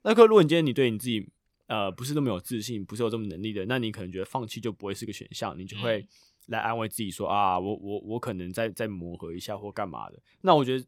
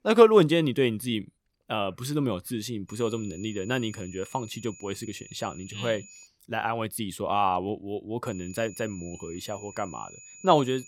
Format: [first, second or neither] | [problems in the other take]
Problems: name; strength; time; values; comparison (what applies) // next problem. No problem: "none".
first | high-pitched whine; noticeable; from 3 to 6.5 s and from 8.5 s on; 7 kHz, 20 dB below the speech